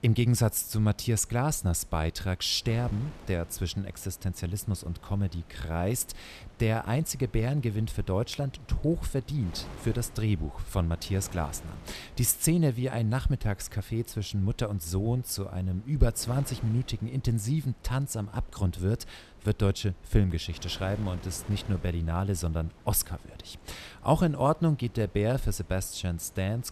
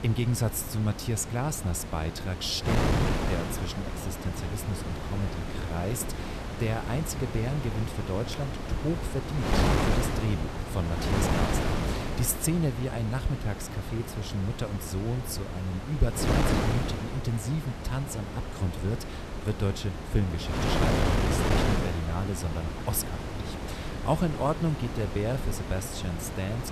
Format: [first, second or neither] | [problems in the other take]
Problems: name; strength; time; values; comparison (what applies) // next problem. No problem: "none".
first | wind noise on the microphone; heavy; 1 dB above the speech; occasional gusts in the first